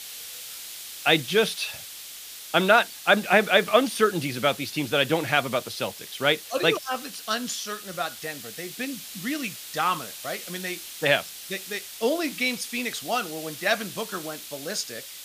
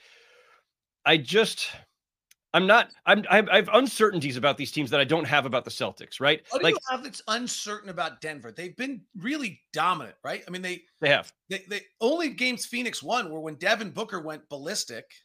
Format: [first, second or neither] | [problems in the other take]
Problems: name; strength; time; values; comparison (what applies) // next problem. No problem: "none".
second | hiss; noticeable; throughout; 10 dB below the speech